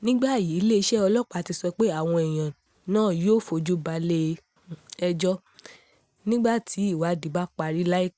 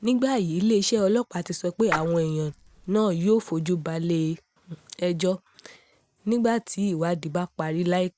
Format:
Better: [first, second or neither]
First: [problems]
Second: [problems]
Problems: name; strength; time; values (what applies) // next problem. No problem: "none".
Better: first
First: none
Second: background sound (Splash, splatter); 9 dB below the speech